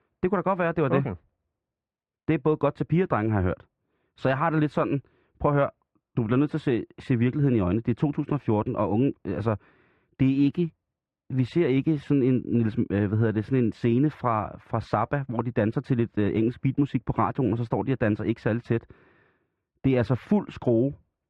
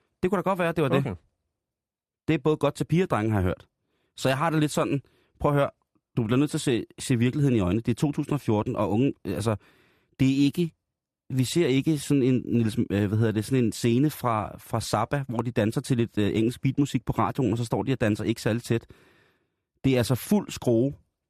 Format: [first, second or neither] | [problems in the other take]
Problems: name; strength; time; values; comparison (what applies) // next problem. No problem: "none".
second | muffled; very; fading above 2 kHz